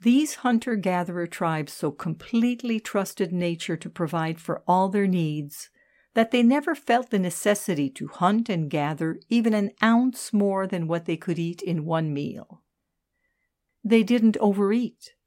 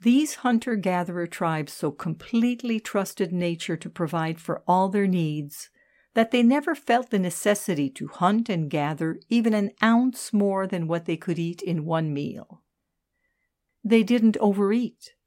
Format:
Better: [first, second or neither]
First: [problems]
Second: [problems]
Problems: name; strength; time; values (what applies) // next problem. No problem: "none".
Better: neither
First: none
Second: none